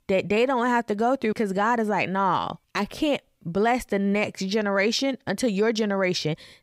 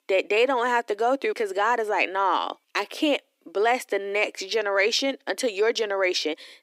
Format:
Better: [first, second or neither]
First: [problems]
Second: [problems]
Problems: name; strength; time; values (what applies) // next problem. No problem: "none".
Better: first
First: none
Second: thin; somewhat; fading below 300 Hz